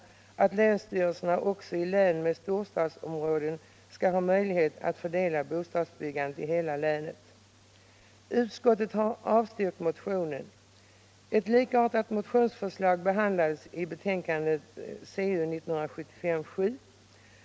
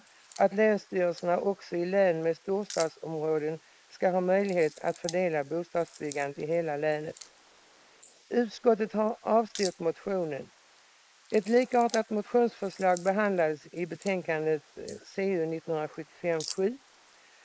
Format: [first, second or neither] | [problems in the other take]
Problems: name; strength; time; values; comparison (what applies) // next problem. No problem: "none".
first | noise reduction (neural mask model Resemble Enhance denoiser)